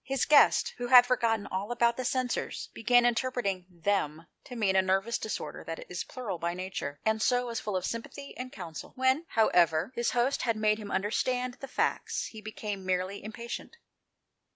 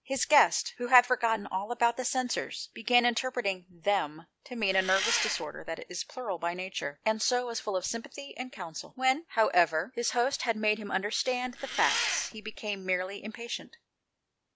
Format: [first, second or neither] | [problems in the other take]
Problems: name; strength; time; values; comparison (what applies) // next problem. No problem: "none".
first | background sound (Engine); 4 dB below the speech